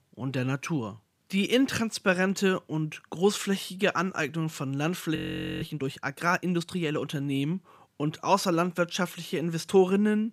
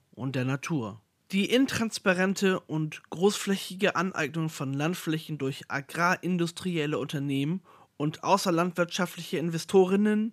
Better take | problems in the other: second | audio freezing; at 5 s

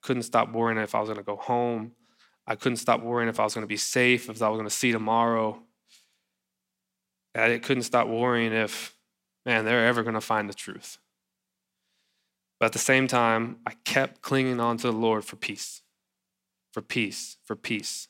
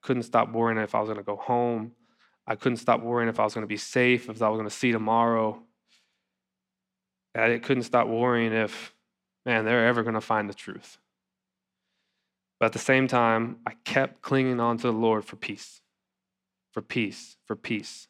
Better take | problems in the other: first | muffled; slightly; fading above 2 kHz

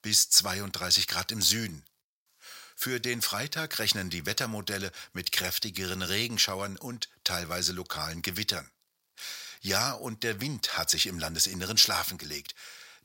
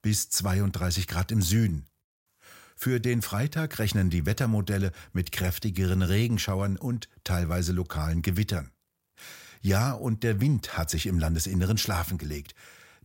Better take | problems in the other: second | thin; somewhat; fading below 850 Hz

